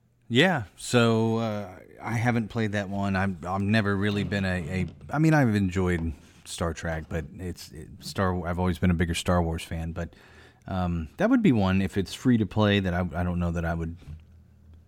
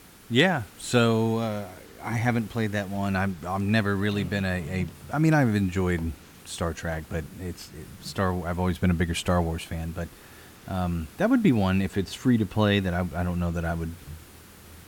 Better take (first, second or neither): first